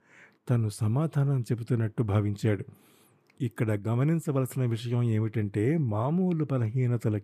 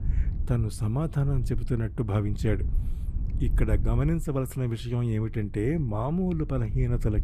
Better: first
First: none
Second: wind noise on the microphone; occasional gusts; 15 dB below the speech

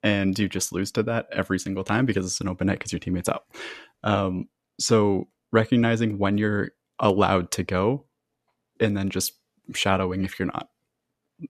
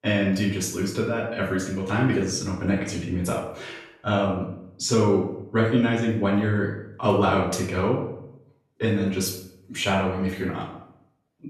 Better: first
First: none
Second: off-mic speech; far // room echo; noticeable; dies away in 0.6 s

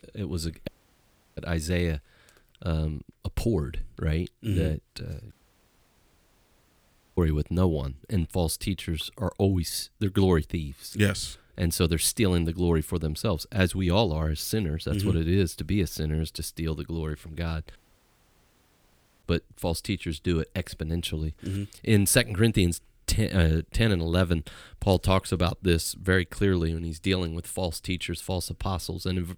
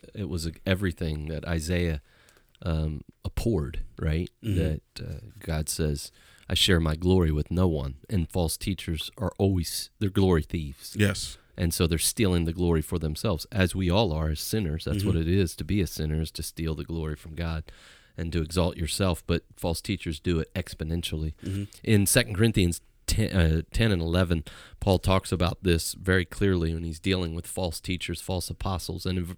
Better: second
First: audio cutting out; at 0.5 s for 0.5 s, at 5.5 s for 2 s and at 18 s for 1.5 s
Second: none

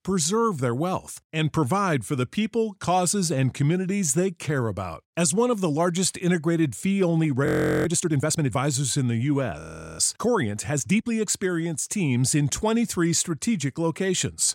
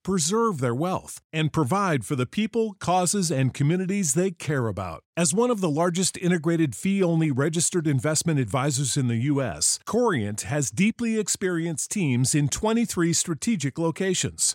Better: second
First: audio freezing; at 7.5 s and at 9.5 s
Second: none

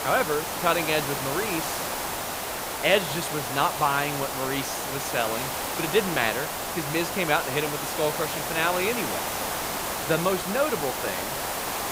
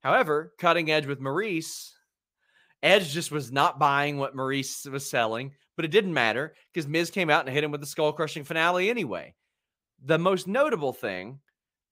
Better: second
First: hiss; loud; throughout; 2 dB below the speech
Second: none

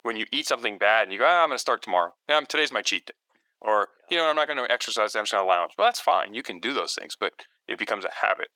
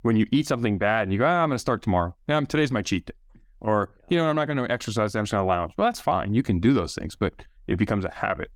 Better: second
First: thin; very; fading below 500 Hz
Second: none

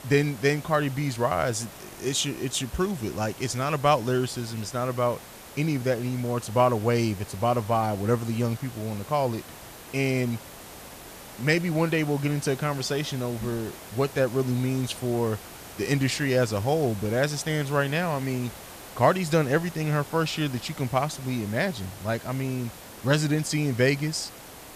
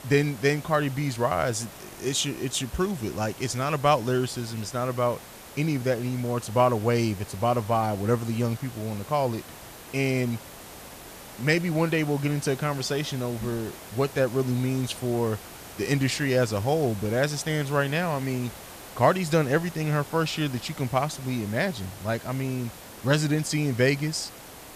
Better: neither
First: hiss; noticeable; throughout; 15 dB below the speech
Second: hiss; noticeable; throughout; 15 dB below the speech

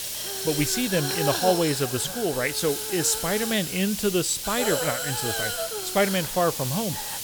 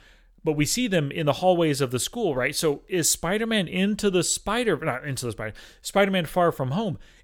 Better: second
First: hiss; loud; throughout; 2 dB below the speech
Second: none

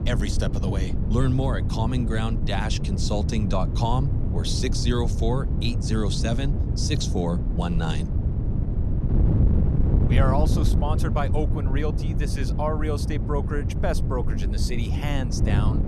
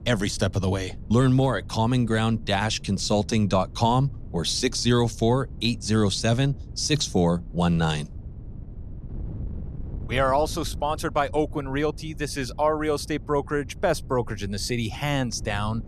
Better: second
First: wind noise on the microphone; heavy; 6 dB below the speech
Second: wind noise on the microphone; occasional gusts; 25 dB below the speech

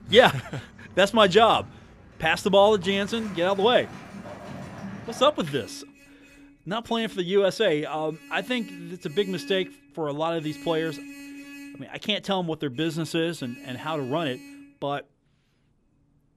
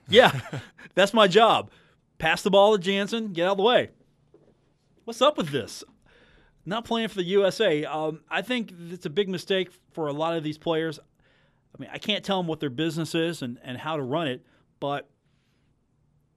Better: second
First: traffic noise; noticeable; throughout; 20 dB below the speech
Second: none

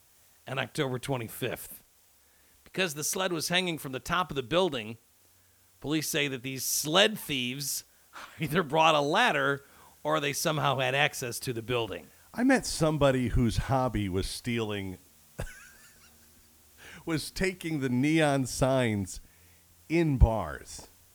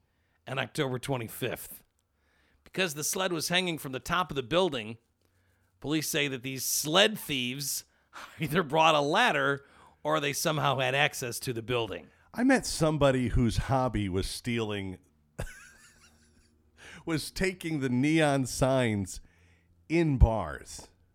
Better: second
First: hiss; faint; throughout; 30 dB below the speech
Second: none

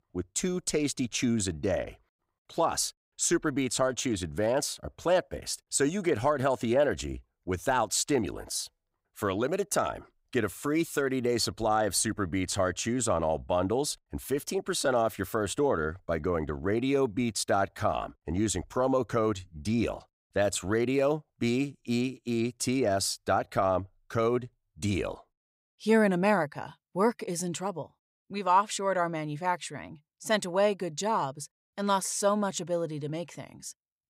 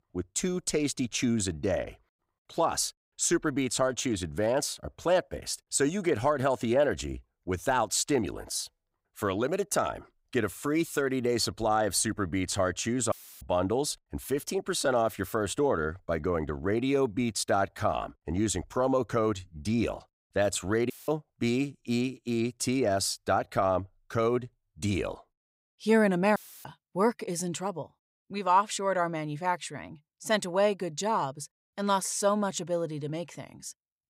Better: first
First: none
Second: audio cutting out; filled with static; at 13 s, at 21 s and at 26 s

